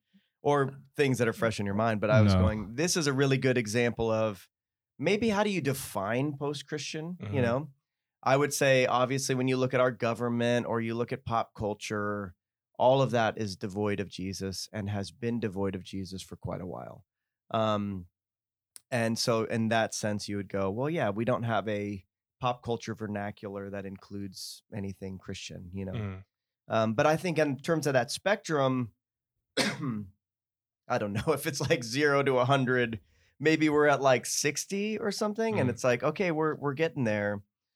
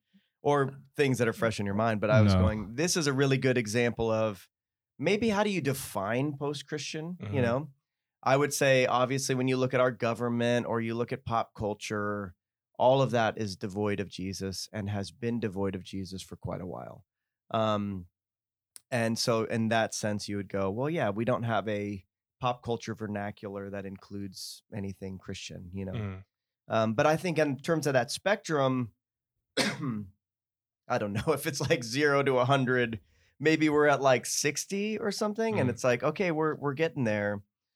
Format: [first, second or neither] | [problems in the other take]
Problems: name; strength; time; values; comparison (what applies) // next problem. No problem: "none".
neither | none